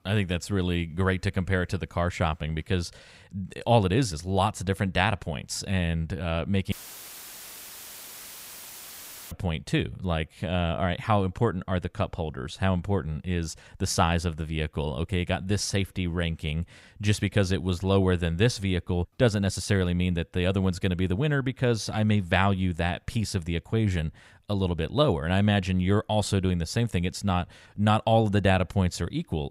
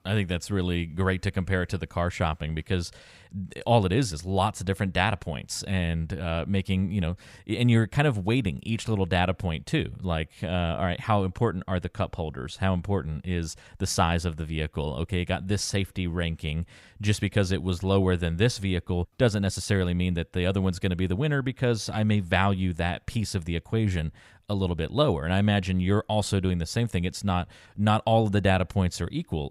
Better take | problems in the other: second | audio cutting out; filled with static; at 6.5 s for 2.5 s

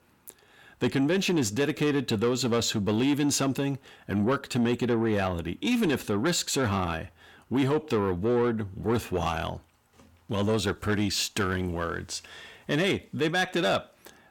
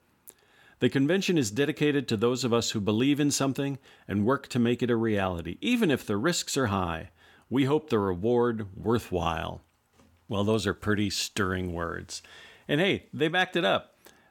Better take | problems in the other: second | distortion; slight; 10 dB below the speech

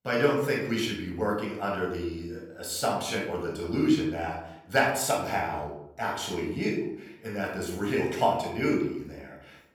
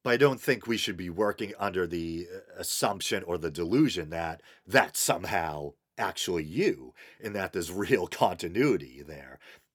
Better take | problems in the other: second | off-mic speech; somewhat distant // room echo; noticeable; dies away in 0.7 s

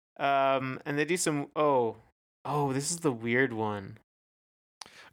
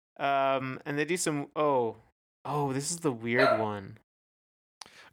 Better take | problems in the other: first | dog barking; loud; at 3.5 s; peak 3 dB above the speech

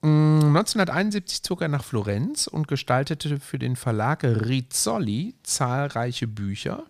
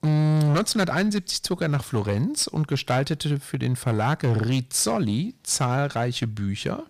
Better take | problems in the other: first | distortion; slight; 10% of the sound clipped

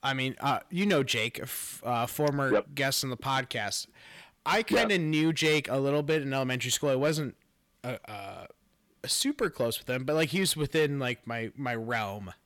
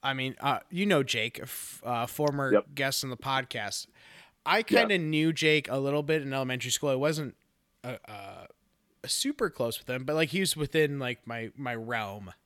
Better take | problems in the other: second | distortion; slight; 10 dB below the speech

